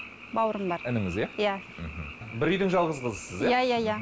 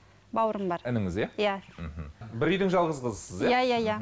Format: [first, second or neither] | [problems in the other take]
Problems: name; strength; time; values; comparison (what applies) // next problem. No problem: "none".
second | background sound (Frog); 15 dB below the speech